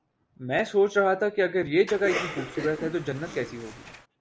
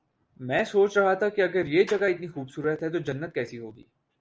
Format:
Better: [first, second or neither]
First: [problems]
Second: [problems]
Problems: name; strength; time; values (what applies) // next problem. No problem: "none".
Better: second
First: background sound (Cough); 9 dB below the speech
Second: none